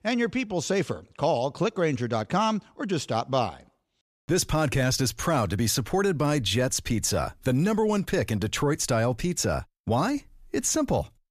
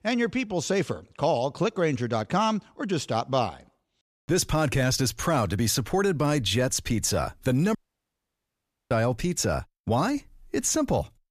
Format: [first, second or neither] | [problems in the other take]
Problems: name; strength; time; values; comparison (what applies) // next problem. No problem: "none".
first | audio cutting out; at 8 s for 1 s